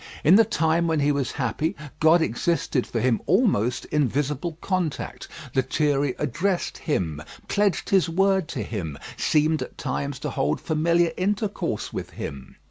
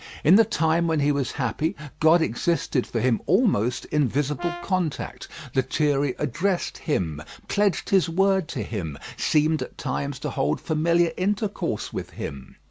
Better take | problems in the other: first | background sound (Brass instrument); 14 dB below the speech

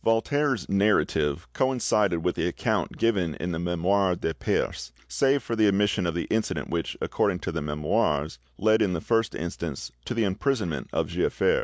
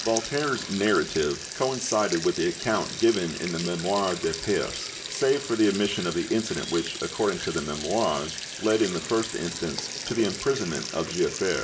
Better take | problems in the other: first | background sound (Sink (filling or washing)); 9 dB below the speech // room echo; dies away in 0.4 s

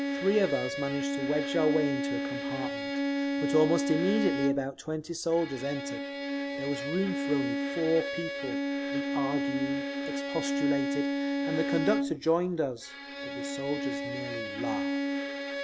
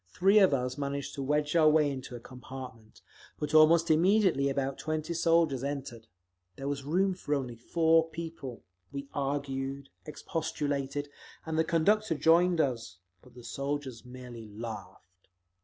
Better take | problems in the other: second | background sound (Bowed string instrument); as loud as the speech

